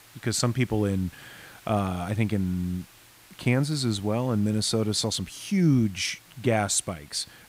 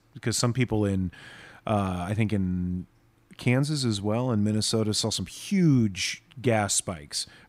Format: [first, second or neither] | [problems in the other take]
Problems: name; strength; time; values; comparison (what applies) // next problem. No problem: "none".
second | hiss; faint; throughout; 25 dB below the speech